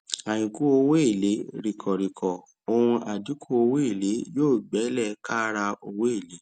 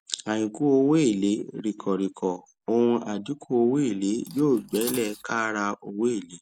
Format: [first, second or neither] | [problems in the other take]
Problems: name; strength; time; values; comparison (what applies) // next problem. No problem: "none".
first | noise reduction (neural mask model Resemble Enhance denoiser)